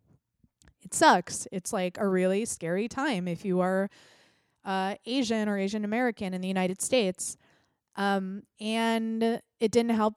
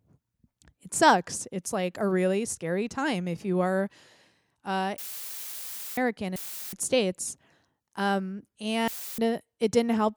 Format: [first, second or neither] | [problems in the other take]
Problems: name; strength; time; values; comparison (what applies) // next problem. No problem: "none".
first | audio cutting out; filled with static; at 5 s for 1 s, at 6.5 s and at 9 s